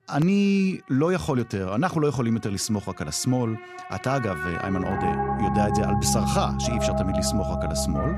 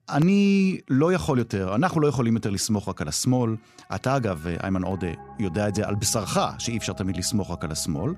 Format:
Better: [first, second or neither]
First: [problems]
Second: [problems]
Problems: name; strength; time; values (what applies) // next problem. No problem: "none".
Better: second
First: background music; loud; throughout; 1 dB below the speech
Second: background music; faint; throughout; 20 dB below the speech